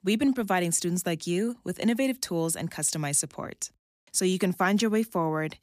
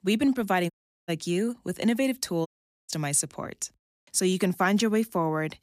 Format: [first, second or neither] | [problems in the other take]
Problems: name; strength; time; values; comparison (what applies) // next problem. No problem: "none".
first | audio cutting out; at 0.5 s and at 2.5 s